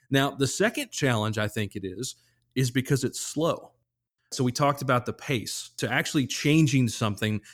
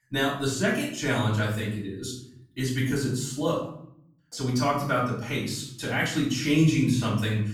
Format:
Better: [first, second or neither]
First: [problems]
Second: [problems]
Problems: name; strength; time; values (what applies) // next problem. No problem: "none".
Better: first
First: none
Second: off-mic speech; far // room echo; noticeable; dies away in 0.6 s